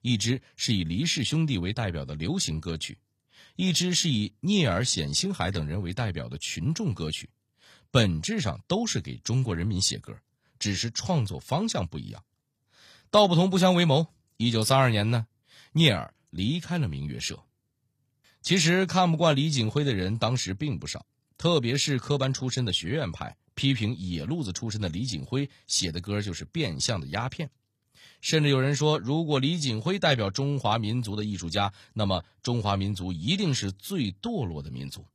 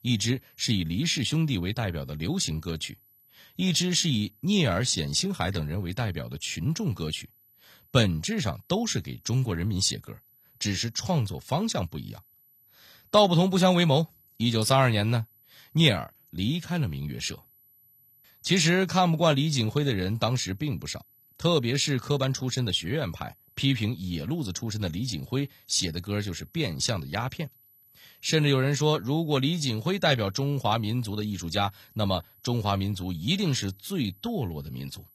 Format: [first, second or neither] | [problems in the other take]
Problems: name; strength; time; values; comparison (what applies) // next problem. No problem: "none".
first | high-pitched whine; faint; throughout; 12 kHz, 30 dB below the speech